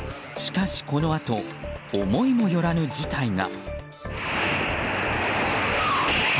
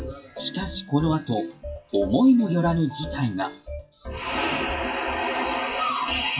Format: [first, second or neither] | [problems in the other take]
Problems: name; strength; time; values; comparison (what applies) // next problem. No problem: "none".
first | noise reduction (classical method WPE with log-MMSE)